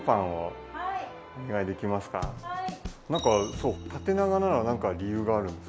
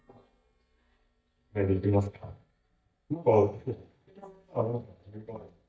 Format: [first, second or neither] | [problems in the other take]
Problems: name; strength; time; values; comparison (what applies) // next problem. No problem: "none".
first | noise reduction (neural mask model DeepFilterNet 3)